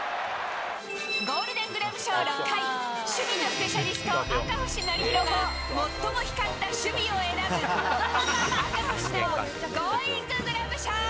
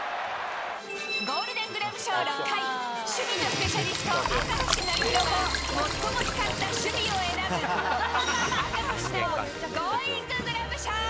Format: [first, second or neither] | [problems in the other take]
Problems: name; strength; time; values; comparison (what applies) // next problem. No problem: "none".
first | background sound (Cricket / Water); 3 dB below the speech